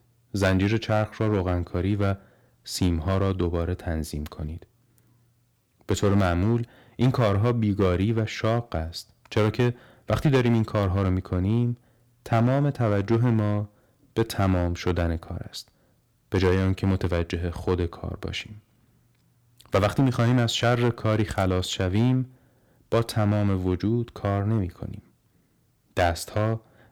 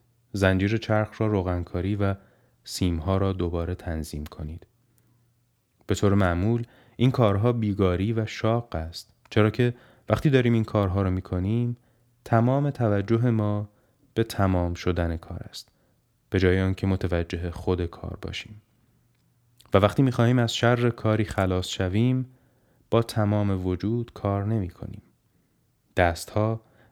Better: second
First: distortion; slight; 3% of the sound clipped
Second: none

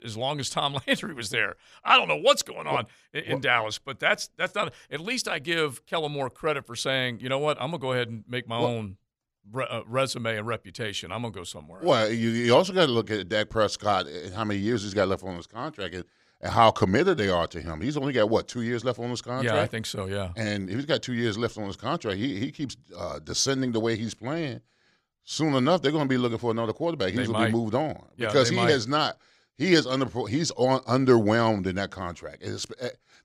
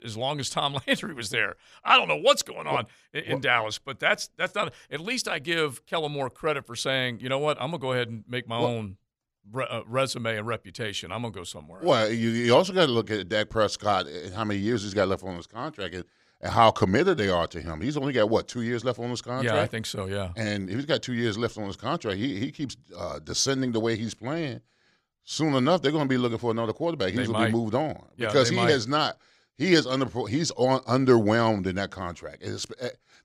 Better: neither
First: none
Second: none

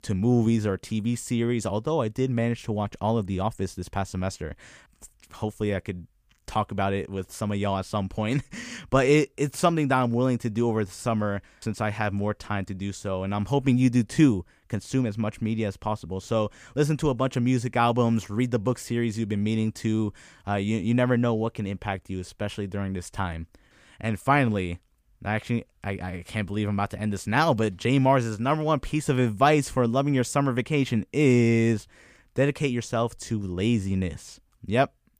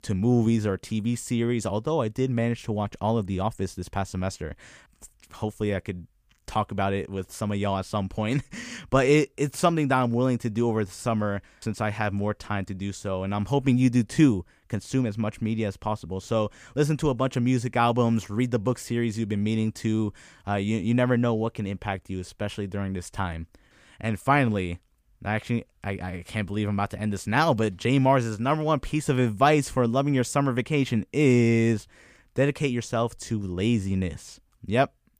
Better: neither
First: none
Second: none

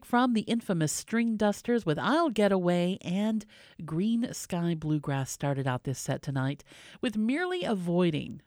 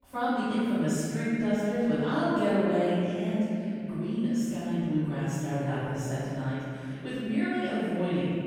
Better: first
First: none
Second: off-mic speech; far // room echo; strong; dies away in 2.8 s

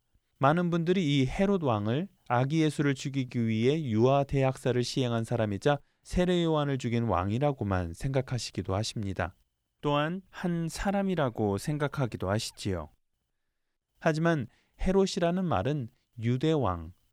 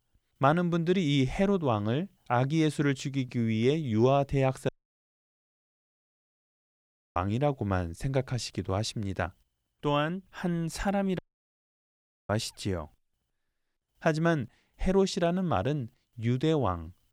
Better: first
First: none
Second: audio cutting out; at 4.5 s for 2.5 s and at 11 s for 1 s

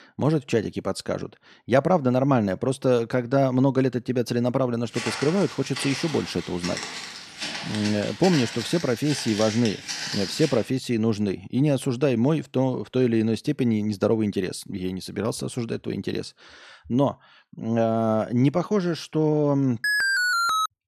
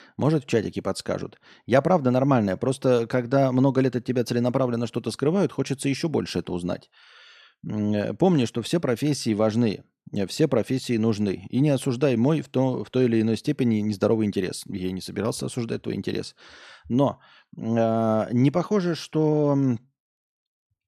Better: second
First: footsteps; noticeable; from 5 to 11 s; peak 4 dB below the speech // alarm; loud; at 20 s; peak 4 dB above the speech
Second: none

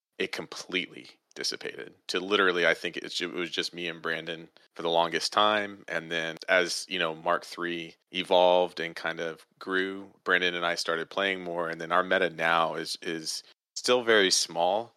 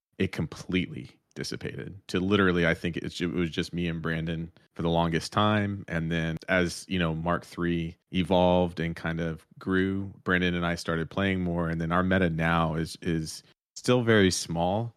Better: second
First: thin; very; fading below 500 Hz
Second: none

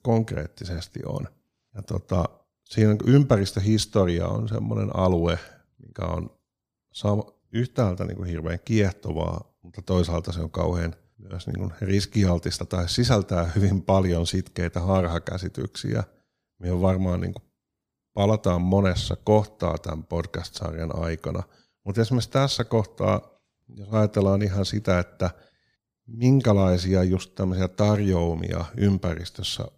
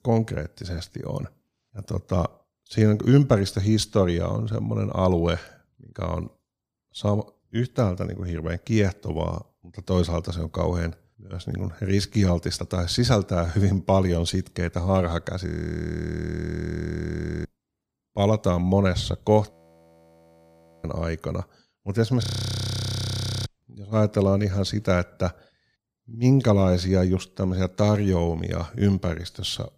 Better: first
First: none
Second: audio freezing; at 15 s for 2 s, at 20 s for 1.5 s and at 22 s for 1 s

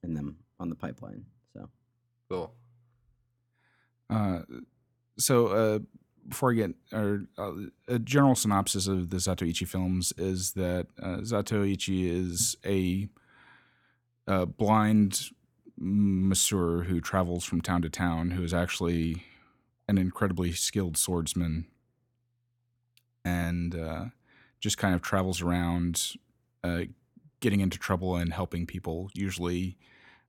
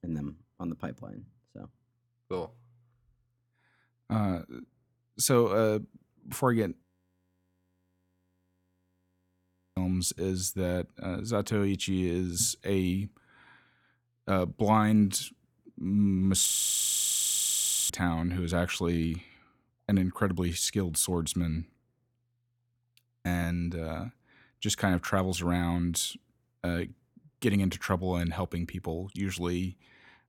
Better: first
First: none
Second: audio freezing; at 7 s for 3 s and at 16 s for 1.5 s

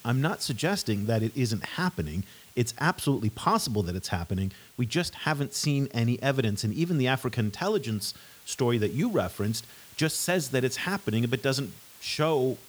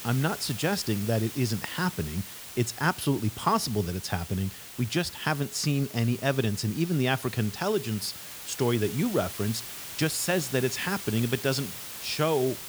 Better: first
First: hiss; faint; throughout; 20 dB below the speech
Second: hiss; loud; throughout; 10 dB below the speech

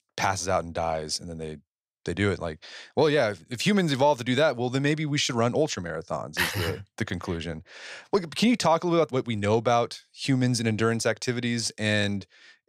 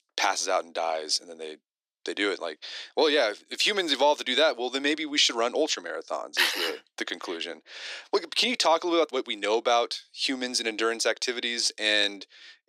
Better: first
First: none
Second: thin; somewhat; fading below 300 Hz

